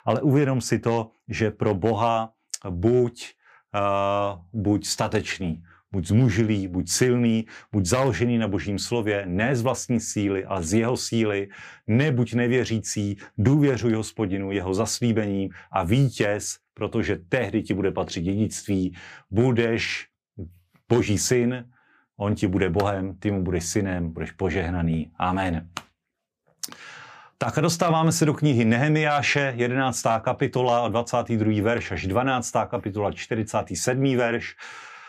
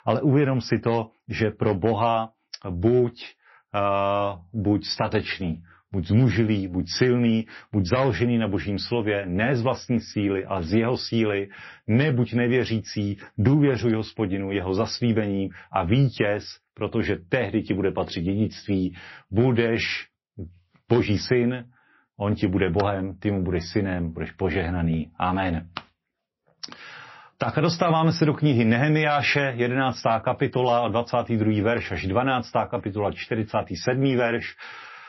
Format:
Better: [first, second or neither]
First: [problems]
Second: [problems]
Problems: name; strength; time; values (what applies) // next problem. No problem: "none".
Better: first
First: none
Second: garbled, watery; slightly; nothing above 5.5 kHz